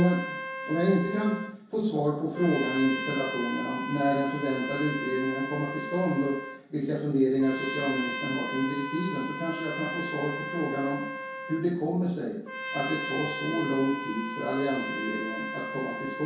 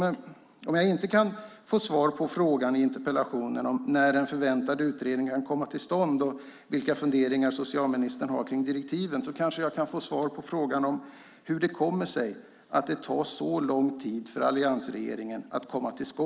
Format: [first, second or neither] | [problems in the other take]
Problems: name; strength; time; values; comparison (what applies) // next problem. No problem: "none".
second | background sound (Trumpet); 7 dB below the speech // room echo; dies away in 0.6 s